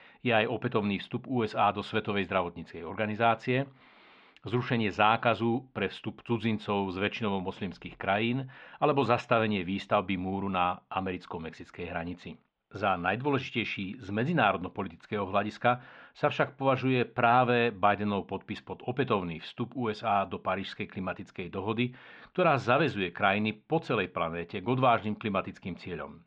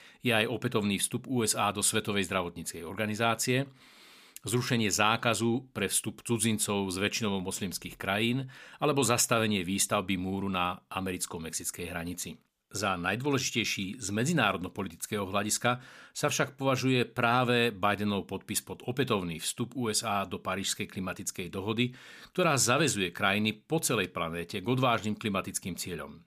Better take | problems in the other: second | muffled; very; fading above 3 kHz

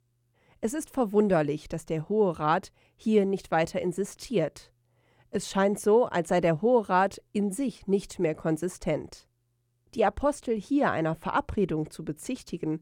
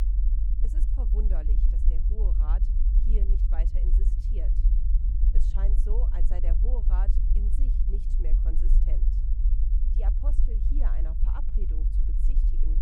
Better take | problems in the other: first | low rumble; loud; throughout; 2 dB below the speech

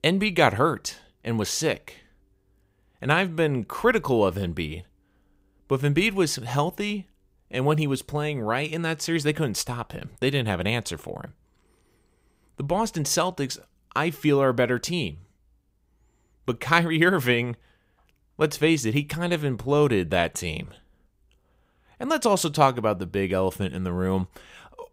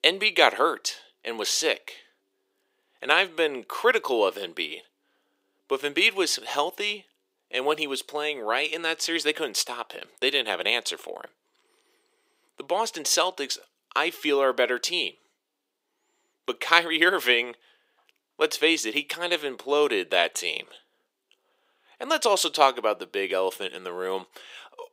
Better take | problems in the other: first | thin; very; fading below 350 Hz

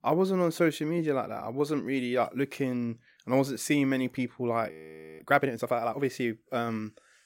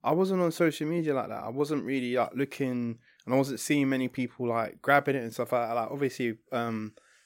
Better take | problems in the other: second | audio freezing; at 4.5 s

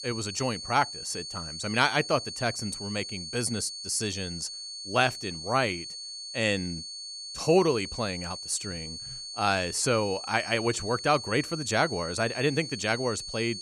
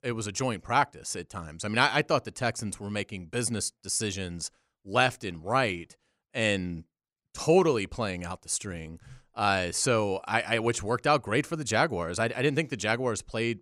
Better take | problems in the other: second | high-pitched whine; loud; throughout; 4.5 kHz, 8 dB below the speech

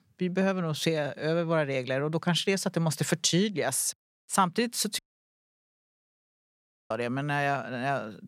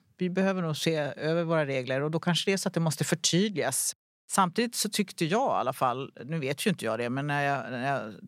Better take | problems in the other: second | audio cutting out; at 5 s for 2 s

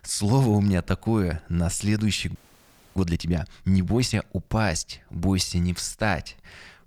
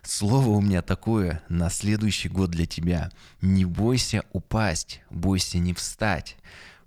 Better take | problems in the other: second | audio freezing; at 2.5 s for 0.5 s

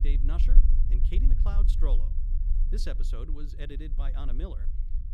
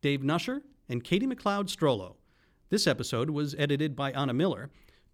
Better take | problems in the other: second | low rumble; loud; throughout; 7 dB below the speech

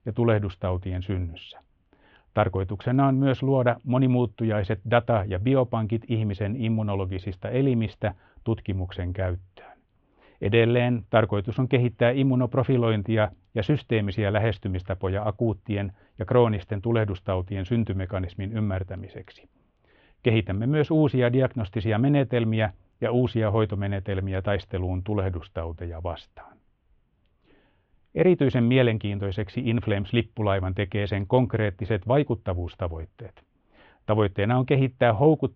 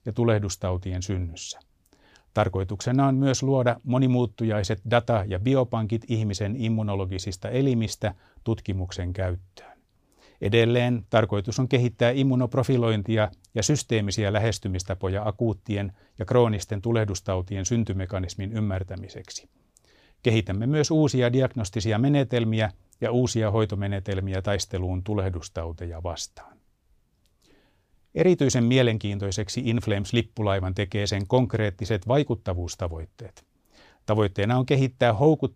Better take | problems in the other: second | muffled; very; fading above 3 kHz

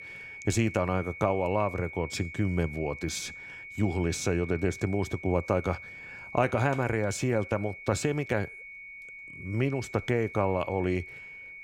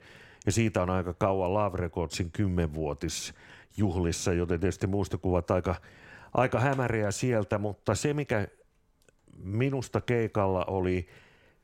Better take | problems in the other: second | high-pitched whine; noticeable; throughout; 2 kHz, 10 dB below the speech

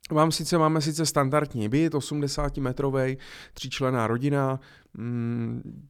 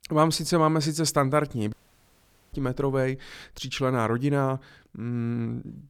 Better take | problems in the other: first | audio cutting out; at 1.5 s for 1 s

